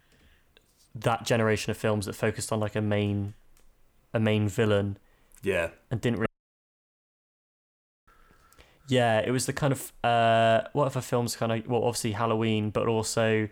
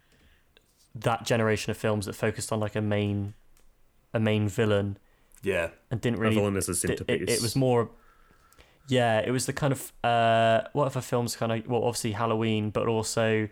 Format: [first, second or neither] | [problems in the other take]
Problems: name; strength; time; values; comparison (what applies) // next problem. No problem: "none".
second | audio cutting out; at 6.5 s for 2 s